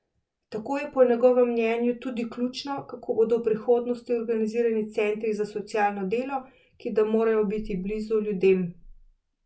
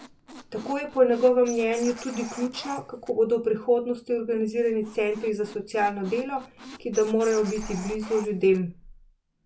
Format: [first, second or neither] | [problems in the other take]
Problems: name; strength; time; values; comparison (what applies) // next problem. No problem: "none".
first | background sound (Squeak); 19 dB below the speech